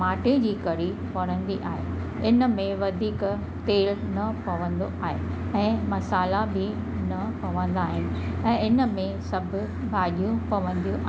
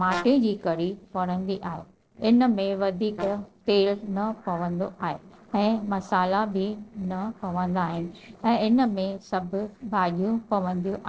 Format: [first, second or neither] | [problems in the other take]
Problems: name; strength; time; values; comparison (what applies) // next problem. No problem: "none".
first | noise reduction (neural separator model SepFormer DNS4)